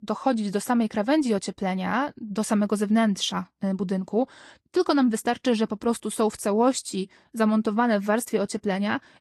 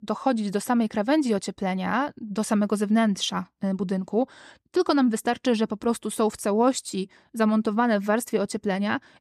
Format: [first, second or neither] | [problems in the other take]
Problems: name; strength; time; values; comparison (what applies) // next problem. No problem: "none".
second | garbled, watery; slightly; nothing above 11.5 kHz